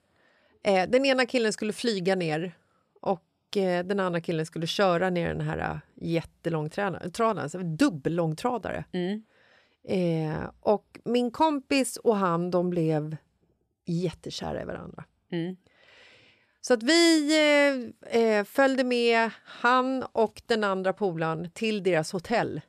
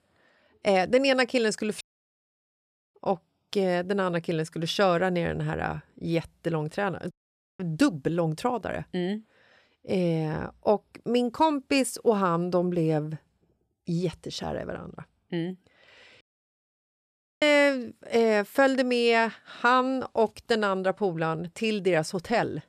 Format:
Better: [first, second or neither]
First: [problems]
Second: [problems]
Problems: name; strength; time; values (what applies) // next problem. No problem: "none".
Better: first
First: none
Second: audio cutting out; at 2 s for 1 s, at 7 s and at 16 s for 1 s